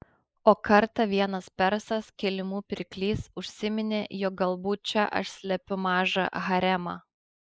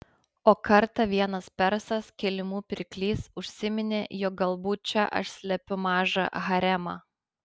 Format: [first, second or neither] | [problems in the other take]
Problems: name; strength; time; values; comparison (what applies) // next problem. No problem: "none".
second | noise reduction (neural mask model Resemble Enhance denoiser)